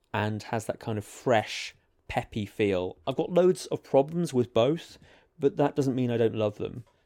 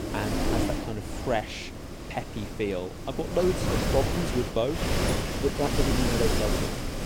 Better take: first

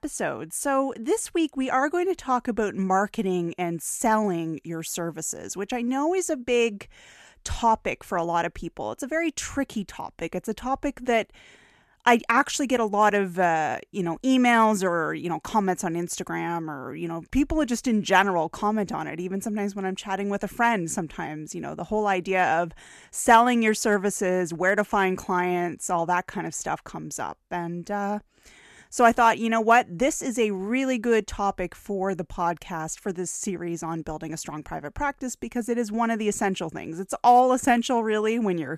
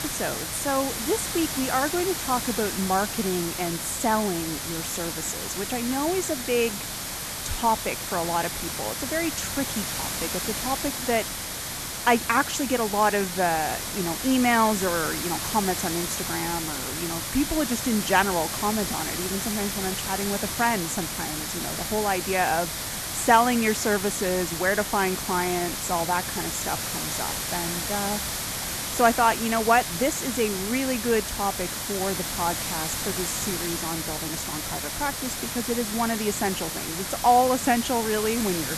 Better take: first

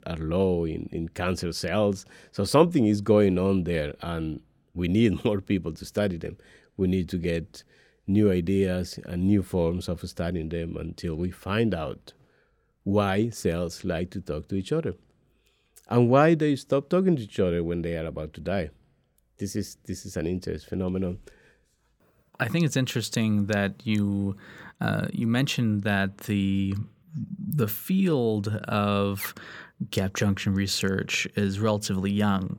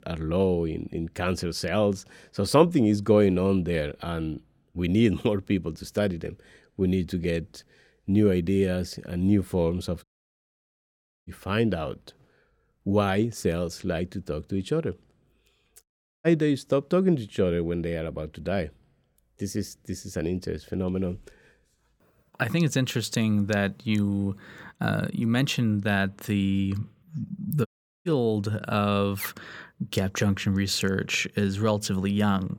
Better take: first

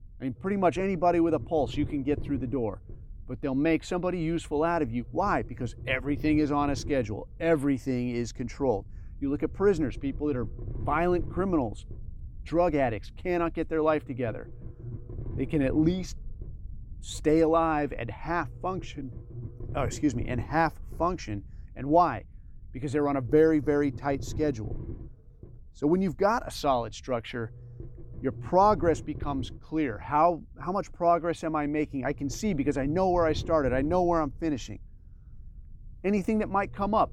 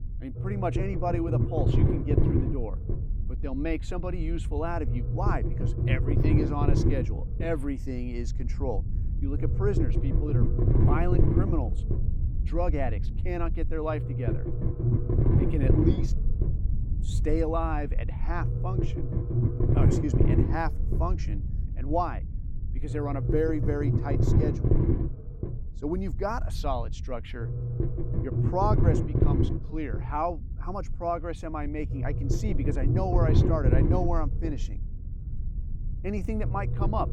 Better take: first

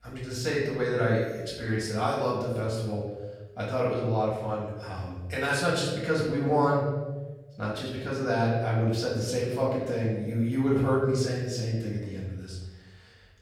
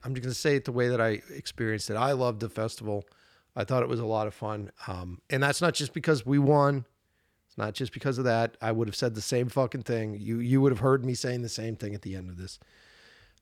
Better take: second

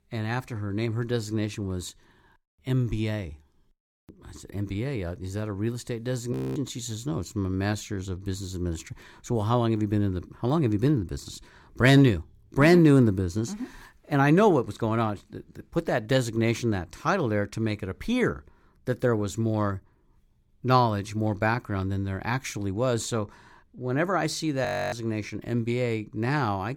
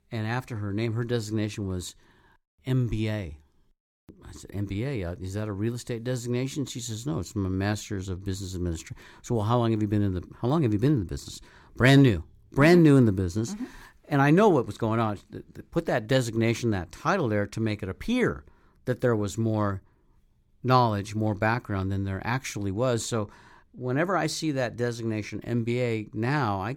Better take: second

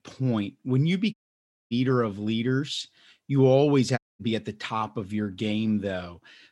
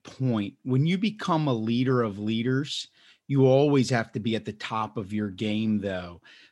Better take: second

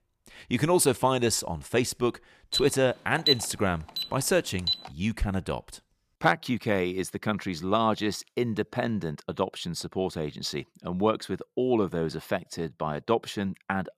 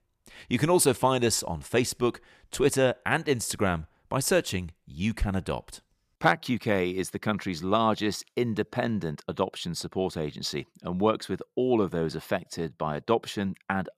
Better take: second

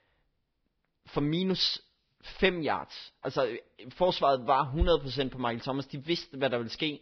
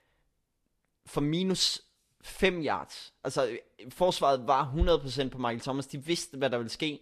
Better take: second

